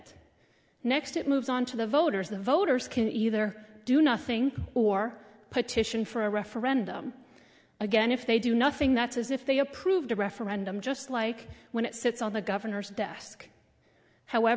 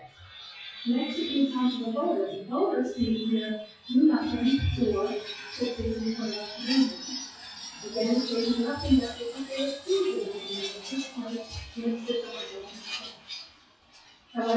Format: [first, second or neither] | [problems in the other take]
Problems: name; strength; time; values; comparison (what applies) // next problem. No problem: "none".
first | noise reduction (classical method WPE with log-MMSE)